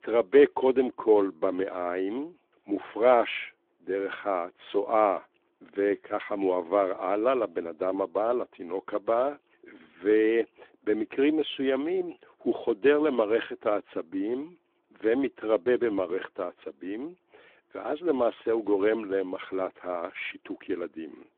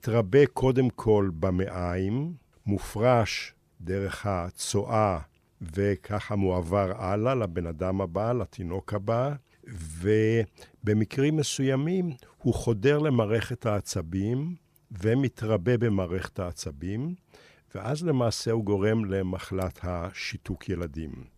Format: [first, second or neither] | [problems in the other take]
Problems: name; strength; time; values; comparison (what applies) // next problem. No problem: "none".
second | phone-call audio